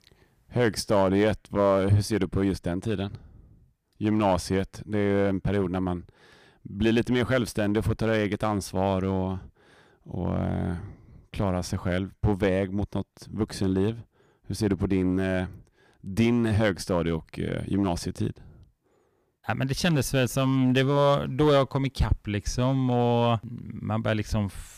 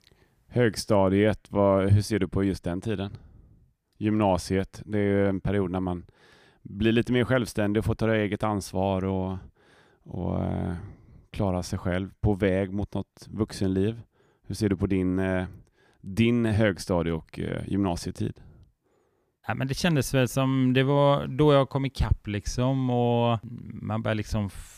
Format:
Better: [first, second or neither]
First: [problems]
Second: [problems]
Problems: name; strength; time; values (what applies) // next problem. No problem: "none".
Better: second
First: distortion; slight; 4% of the sound clipped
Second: none